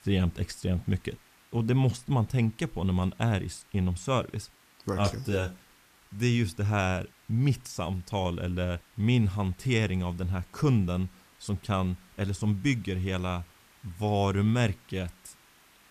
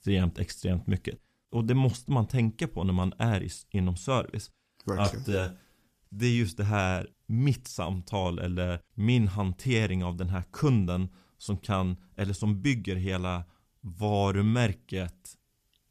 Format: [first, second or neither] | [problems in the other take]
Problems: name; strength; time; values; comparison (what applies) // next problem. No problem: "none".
second | hiss; faint; throughout; 30 dB below the speech